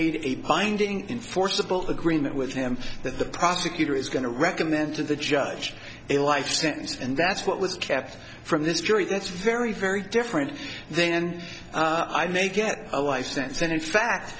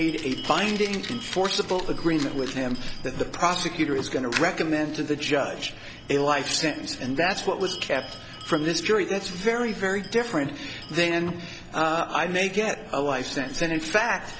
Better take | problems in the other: first | background sound (Fire + Bell); 15 dB below the speech

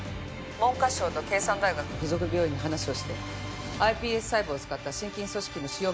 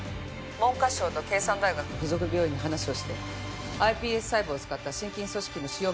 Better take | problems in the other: second | background sound (Motorcycle); 19 dB below the speech

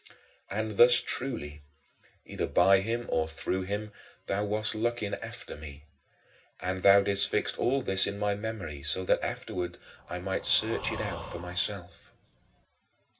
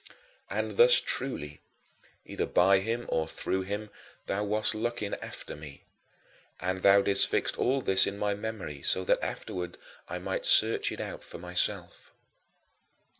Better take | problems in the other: second | background sound (Breathing); 13 dB below the speech // room echo; dies away in 0.4 s

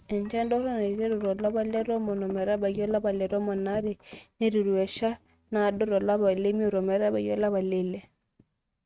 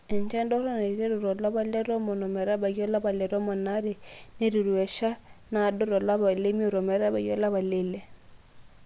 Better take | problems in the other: second | noise reduction (neural mask model RNNoise)

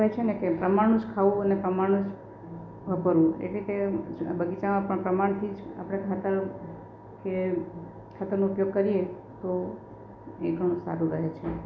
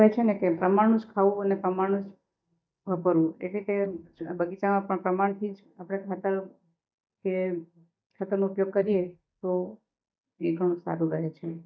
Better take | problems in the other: first | noise reduction (neural mask model DeepFilterNet 3)

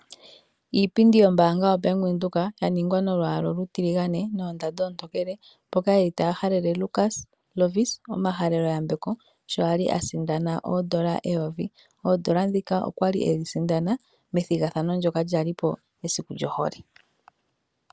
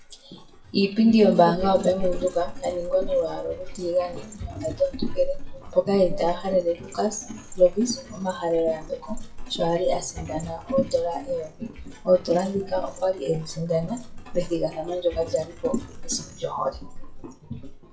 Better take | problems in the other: first | noise reduction (classical method WPE with log-MMSE)

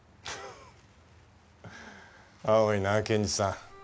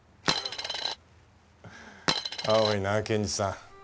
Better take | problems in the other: first | background sound (Coin (dropping)); 1 dB above the speech

